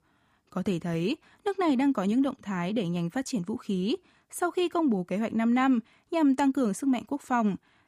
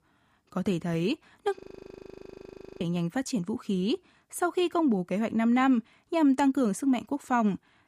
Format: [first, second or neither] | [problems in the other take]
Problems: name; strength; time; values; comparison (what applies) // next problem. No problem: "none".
first | audio freezing; at 1.5 s for 1 s